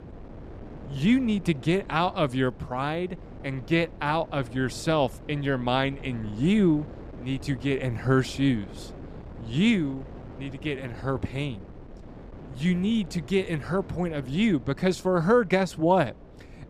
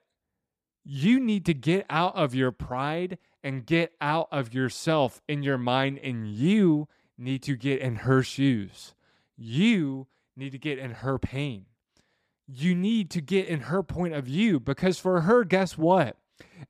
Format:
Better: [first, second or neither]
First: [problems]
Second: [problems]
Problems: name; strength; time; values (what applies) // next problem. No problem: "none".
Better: second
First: wind noise on the microphone; occasional gusts; 20 dB below the speech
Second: none